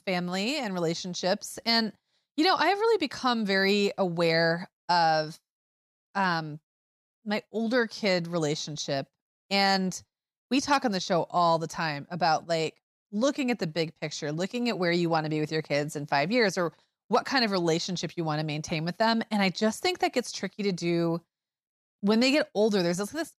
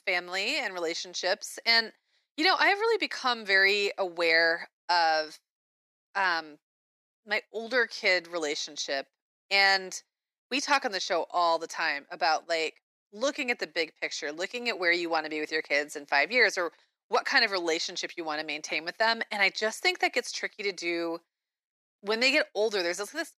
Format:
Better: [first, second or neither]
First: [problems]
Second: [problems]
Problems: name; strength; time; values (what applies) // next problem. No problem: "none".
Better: first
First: none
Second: thin; somewhat; fading below 300 Hz